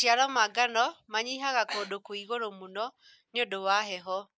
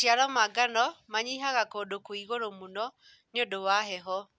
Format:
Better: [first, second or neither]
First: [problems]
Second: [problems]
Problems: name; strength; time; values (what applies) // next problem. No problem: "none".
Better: second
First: noise reduction (neural mask model Resemble Enhance denoiser)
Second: none